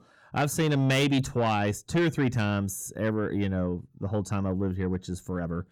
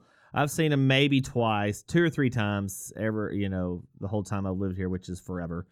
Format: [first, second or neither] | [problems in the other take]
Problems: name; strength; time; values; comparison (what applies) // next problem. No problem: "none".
second | distortion; slight; 10 dB below the speech